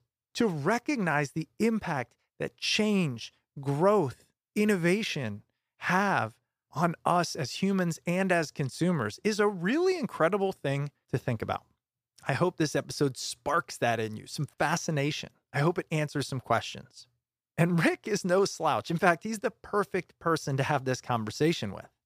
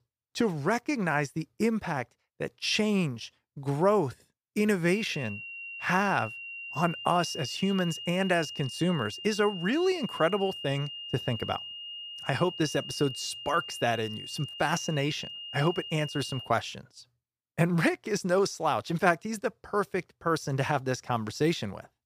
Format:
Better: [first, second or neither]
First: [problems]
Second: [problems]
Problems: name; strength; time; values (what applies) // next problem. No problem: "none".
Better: first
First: none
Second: high-pitched whine; loud; from 5 to 16 s; 3 kHz, 9 dB below the speech